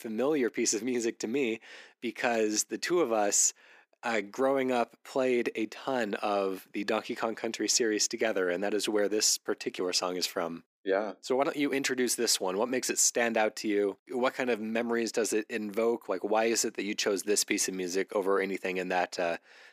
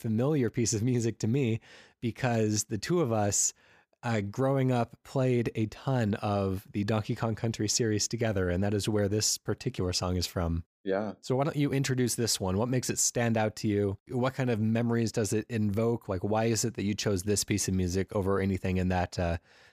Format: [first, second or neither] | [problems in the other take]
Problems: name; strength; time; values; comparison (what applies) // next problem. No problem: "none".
second | thin; somewhat; fading below 250 Hz